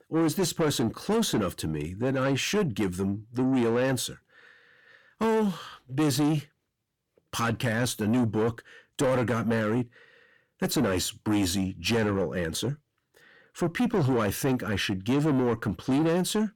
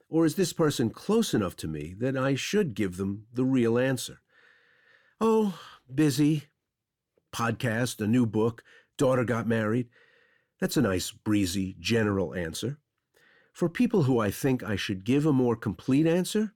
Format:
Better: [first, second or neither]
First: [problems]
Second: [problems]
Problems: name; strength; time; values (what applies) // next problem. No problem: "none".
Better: second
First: distortion; slight; 10 dB below the speech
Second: none